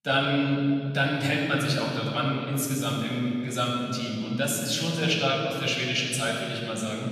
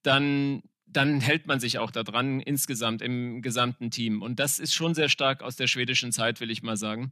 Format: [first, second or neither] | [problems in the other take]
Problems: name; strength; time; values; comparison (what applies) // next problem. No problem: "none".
second | off-mic speech; far // room echo; noticeable; dies away in 2.7 s